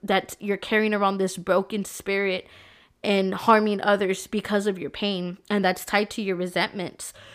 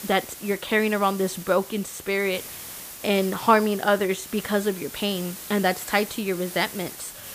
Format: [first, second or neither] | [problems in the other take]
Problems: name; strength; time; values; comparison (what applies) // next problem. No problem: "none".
first | hiss; noticeable; throughout; 10 dB below the speech